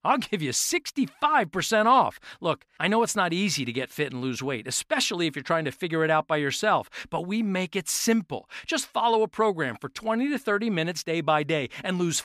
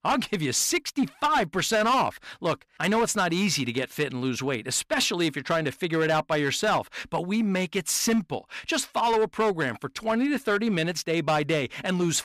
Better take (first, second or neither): first